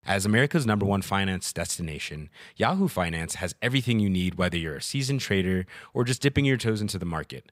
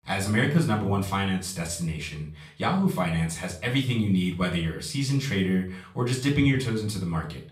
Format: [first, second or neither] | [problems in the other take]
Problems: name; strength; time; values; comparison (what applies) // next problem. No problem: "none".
first | room echo; slight; dies away in 0.4 s // off-mic speech; far